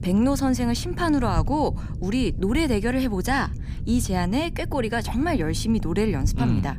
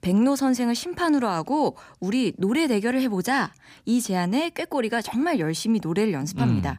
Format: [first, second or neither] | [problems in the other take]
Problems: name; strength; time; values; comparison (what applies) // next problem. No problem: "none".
second | low rumble; noticeable; throughout; 15 dB below the speech